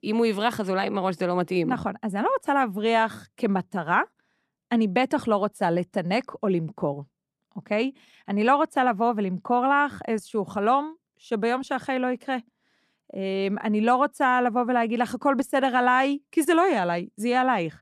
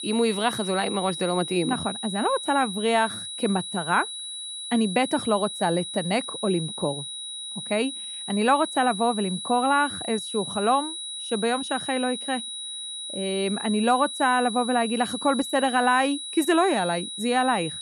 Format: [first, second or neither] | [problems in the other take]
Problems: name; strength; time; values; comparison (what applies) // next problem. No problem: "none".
first | high-pitched whine; loud; throughout; 4 kHz, 7 dB below the speech